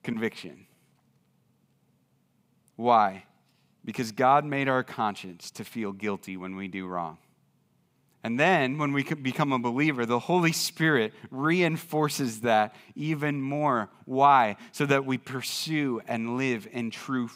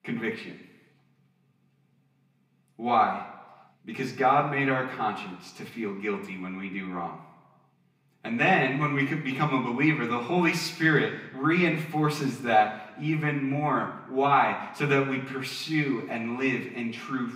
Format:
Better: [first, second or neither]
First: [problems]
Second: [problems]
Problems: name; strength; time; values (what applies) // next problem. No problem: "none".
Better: first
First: none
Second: room echo; slight; dies away in 1 s // off-mic speech; far